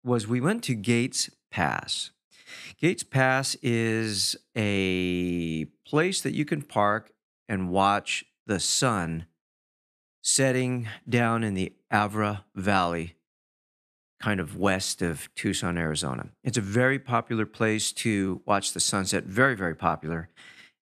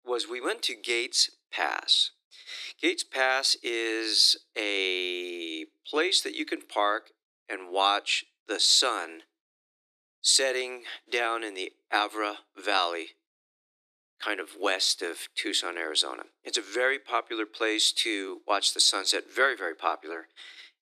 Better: first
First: none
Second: thin; very; fading below 300 Hz

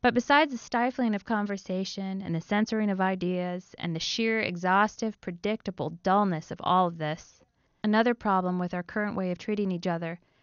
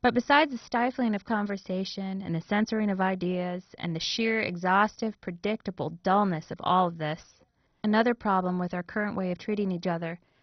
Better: first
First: garbled, watery; slightly; nothing above 6.5 kHz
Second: garbled, watery; badly; nothing above 6 kHz

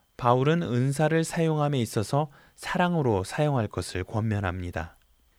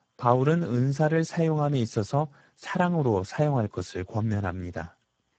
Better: first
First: none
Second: garbled, watery; badly; nothing above 7.5 kHz

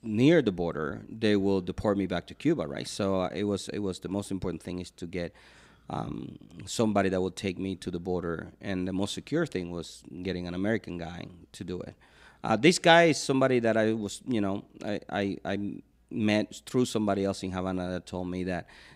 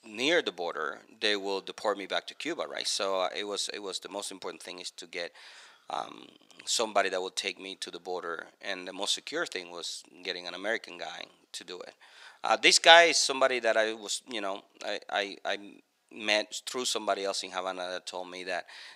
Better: first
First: none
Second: thin; very; fading below 700 Hz

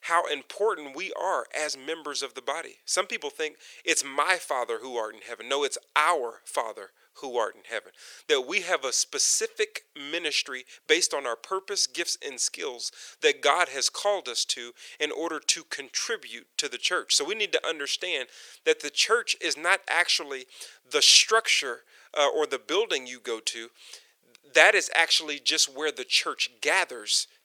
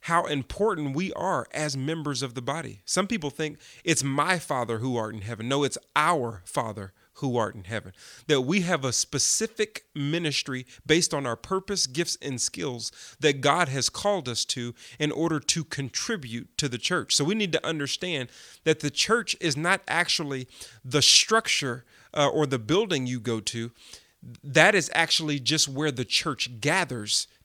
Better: second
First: thin; very; fading below 450 Hz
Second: none

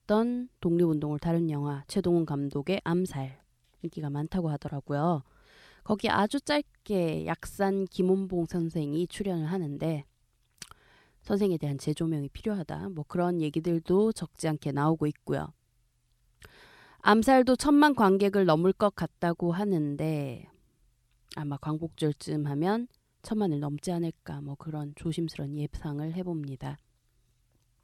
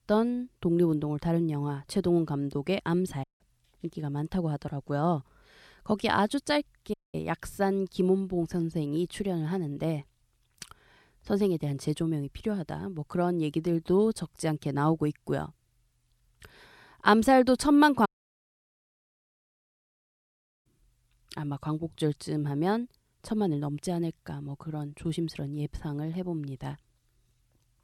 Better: first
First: none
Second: audio cutting out; at 3 s, at 7 s and at 18 s for 2.5 s

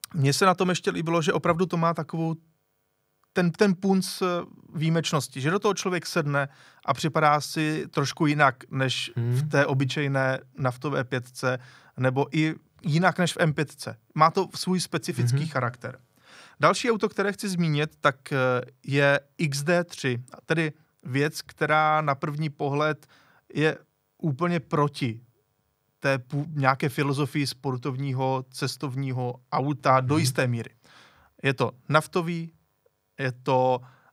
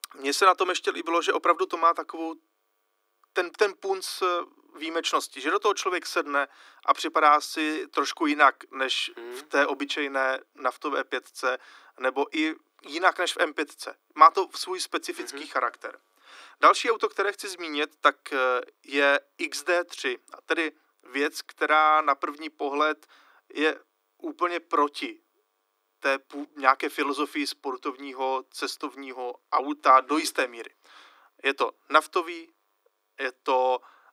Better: first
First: none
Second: thin; somewhat; fading below 300 Hz

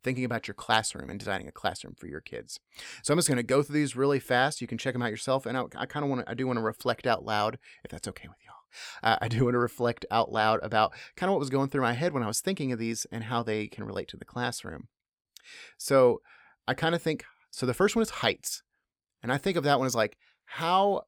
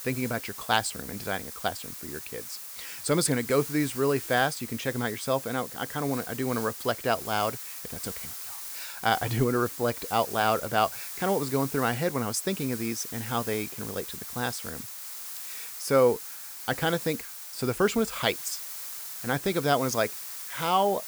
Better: first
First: none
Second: hiss; loud; throughout; 8 dB below the speech

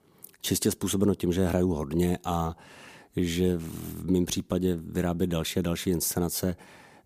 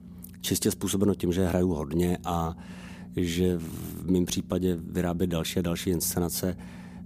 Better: first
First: none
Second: low rumble; faint; throughout; 20 dB below the speech

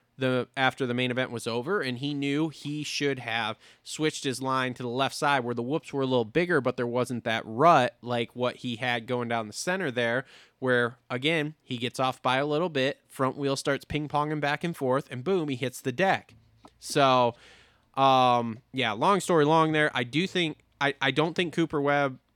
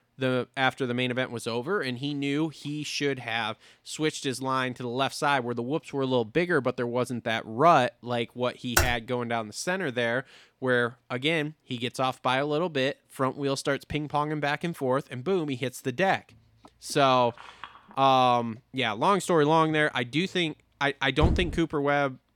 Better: first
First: none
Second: keyboard typing; loud; at 9 s; peak 1 dB above the speech // phone ringing; faint; at 17 s; peak 20 dB below the speech // door banging; noticeable; at 21 s; peak 1 dB below the speech

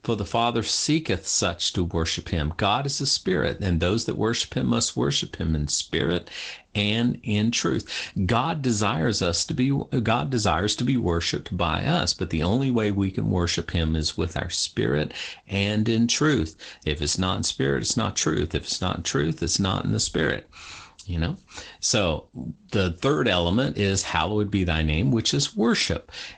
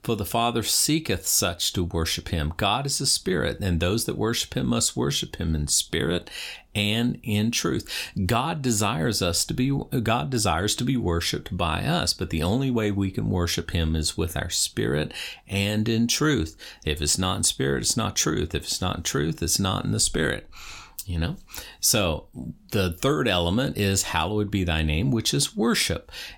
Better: second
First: garbled, watery; slightly; nothing above 8 kHz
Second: none

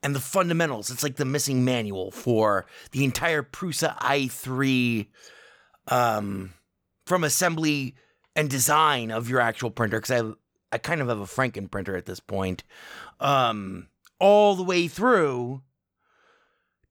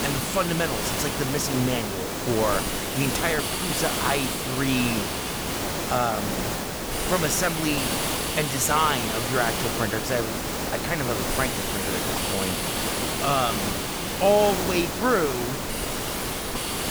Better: first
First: none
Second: hiss; loud; throughout; as loud as the speech

